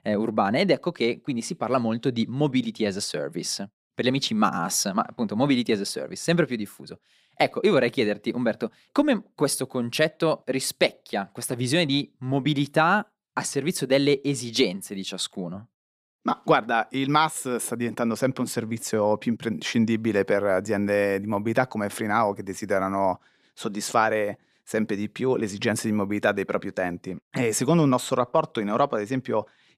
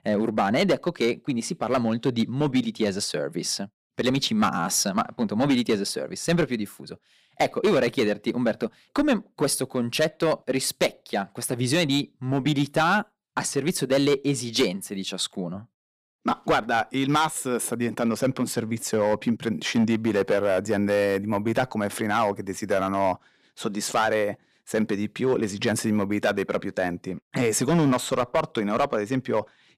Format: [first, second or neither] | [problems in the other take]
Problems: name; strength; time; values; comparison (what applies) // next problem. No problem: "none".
first | distortion; slight; 4% of the sound clipped